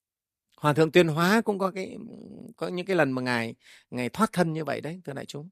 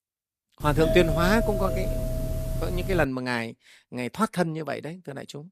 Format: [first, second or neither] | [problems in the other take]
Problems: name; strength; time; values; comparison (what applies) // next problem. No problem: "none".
first | doorbell; noticeable; from 0.5 to 3 s; peak level with the speech